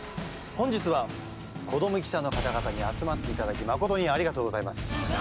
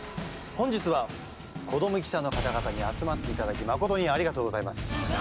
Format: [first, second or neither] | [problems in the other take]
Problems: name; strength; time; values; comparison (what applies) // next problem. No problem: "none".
second | background sound (Electric guitar / Strum); 17 dB below the speech